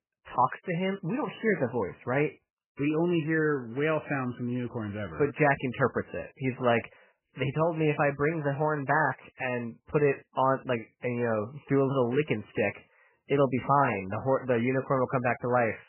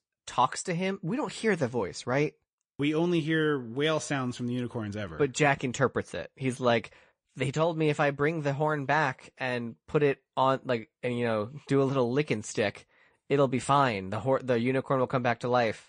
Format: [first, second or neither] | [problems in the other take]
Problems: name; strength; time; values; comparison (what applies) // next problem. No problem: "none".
second | garbled, watery; badly; nothing above 3 kHz; slightly in the second